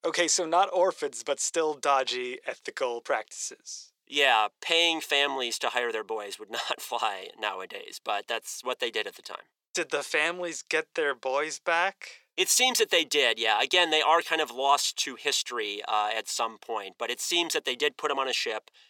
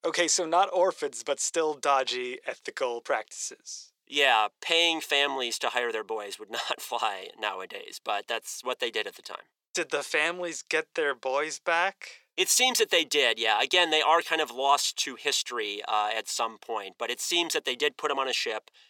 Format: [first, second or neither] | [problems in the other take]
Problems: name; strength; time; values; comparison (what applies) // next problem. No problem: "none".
neither | thin; very; fading below 450 Hz; the same in both